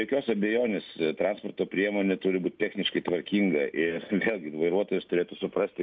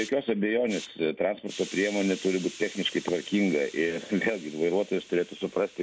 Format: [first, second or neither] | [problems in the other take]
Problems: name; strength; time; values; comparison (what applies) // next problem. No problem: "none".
first | background sound (Hiss); 18 dB below the speech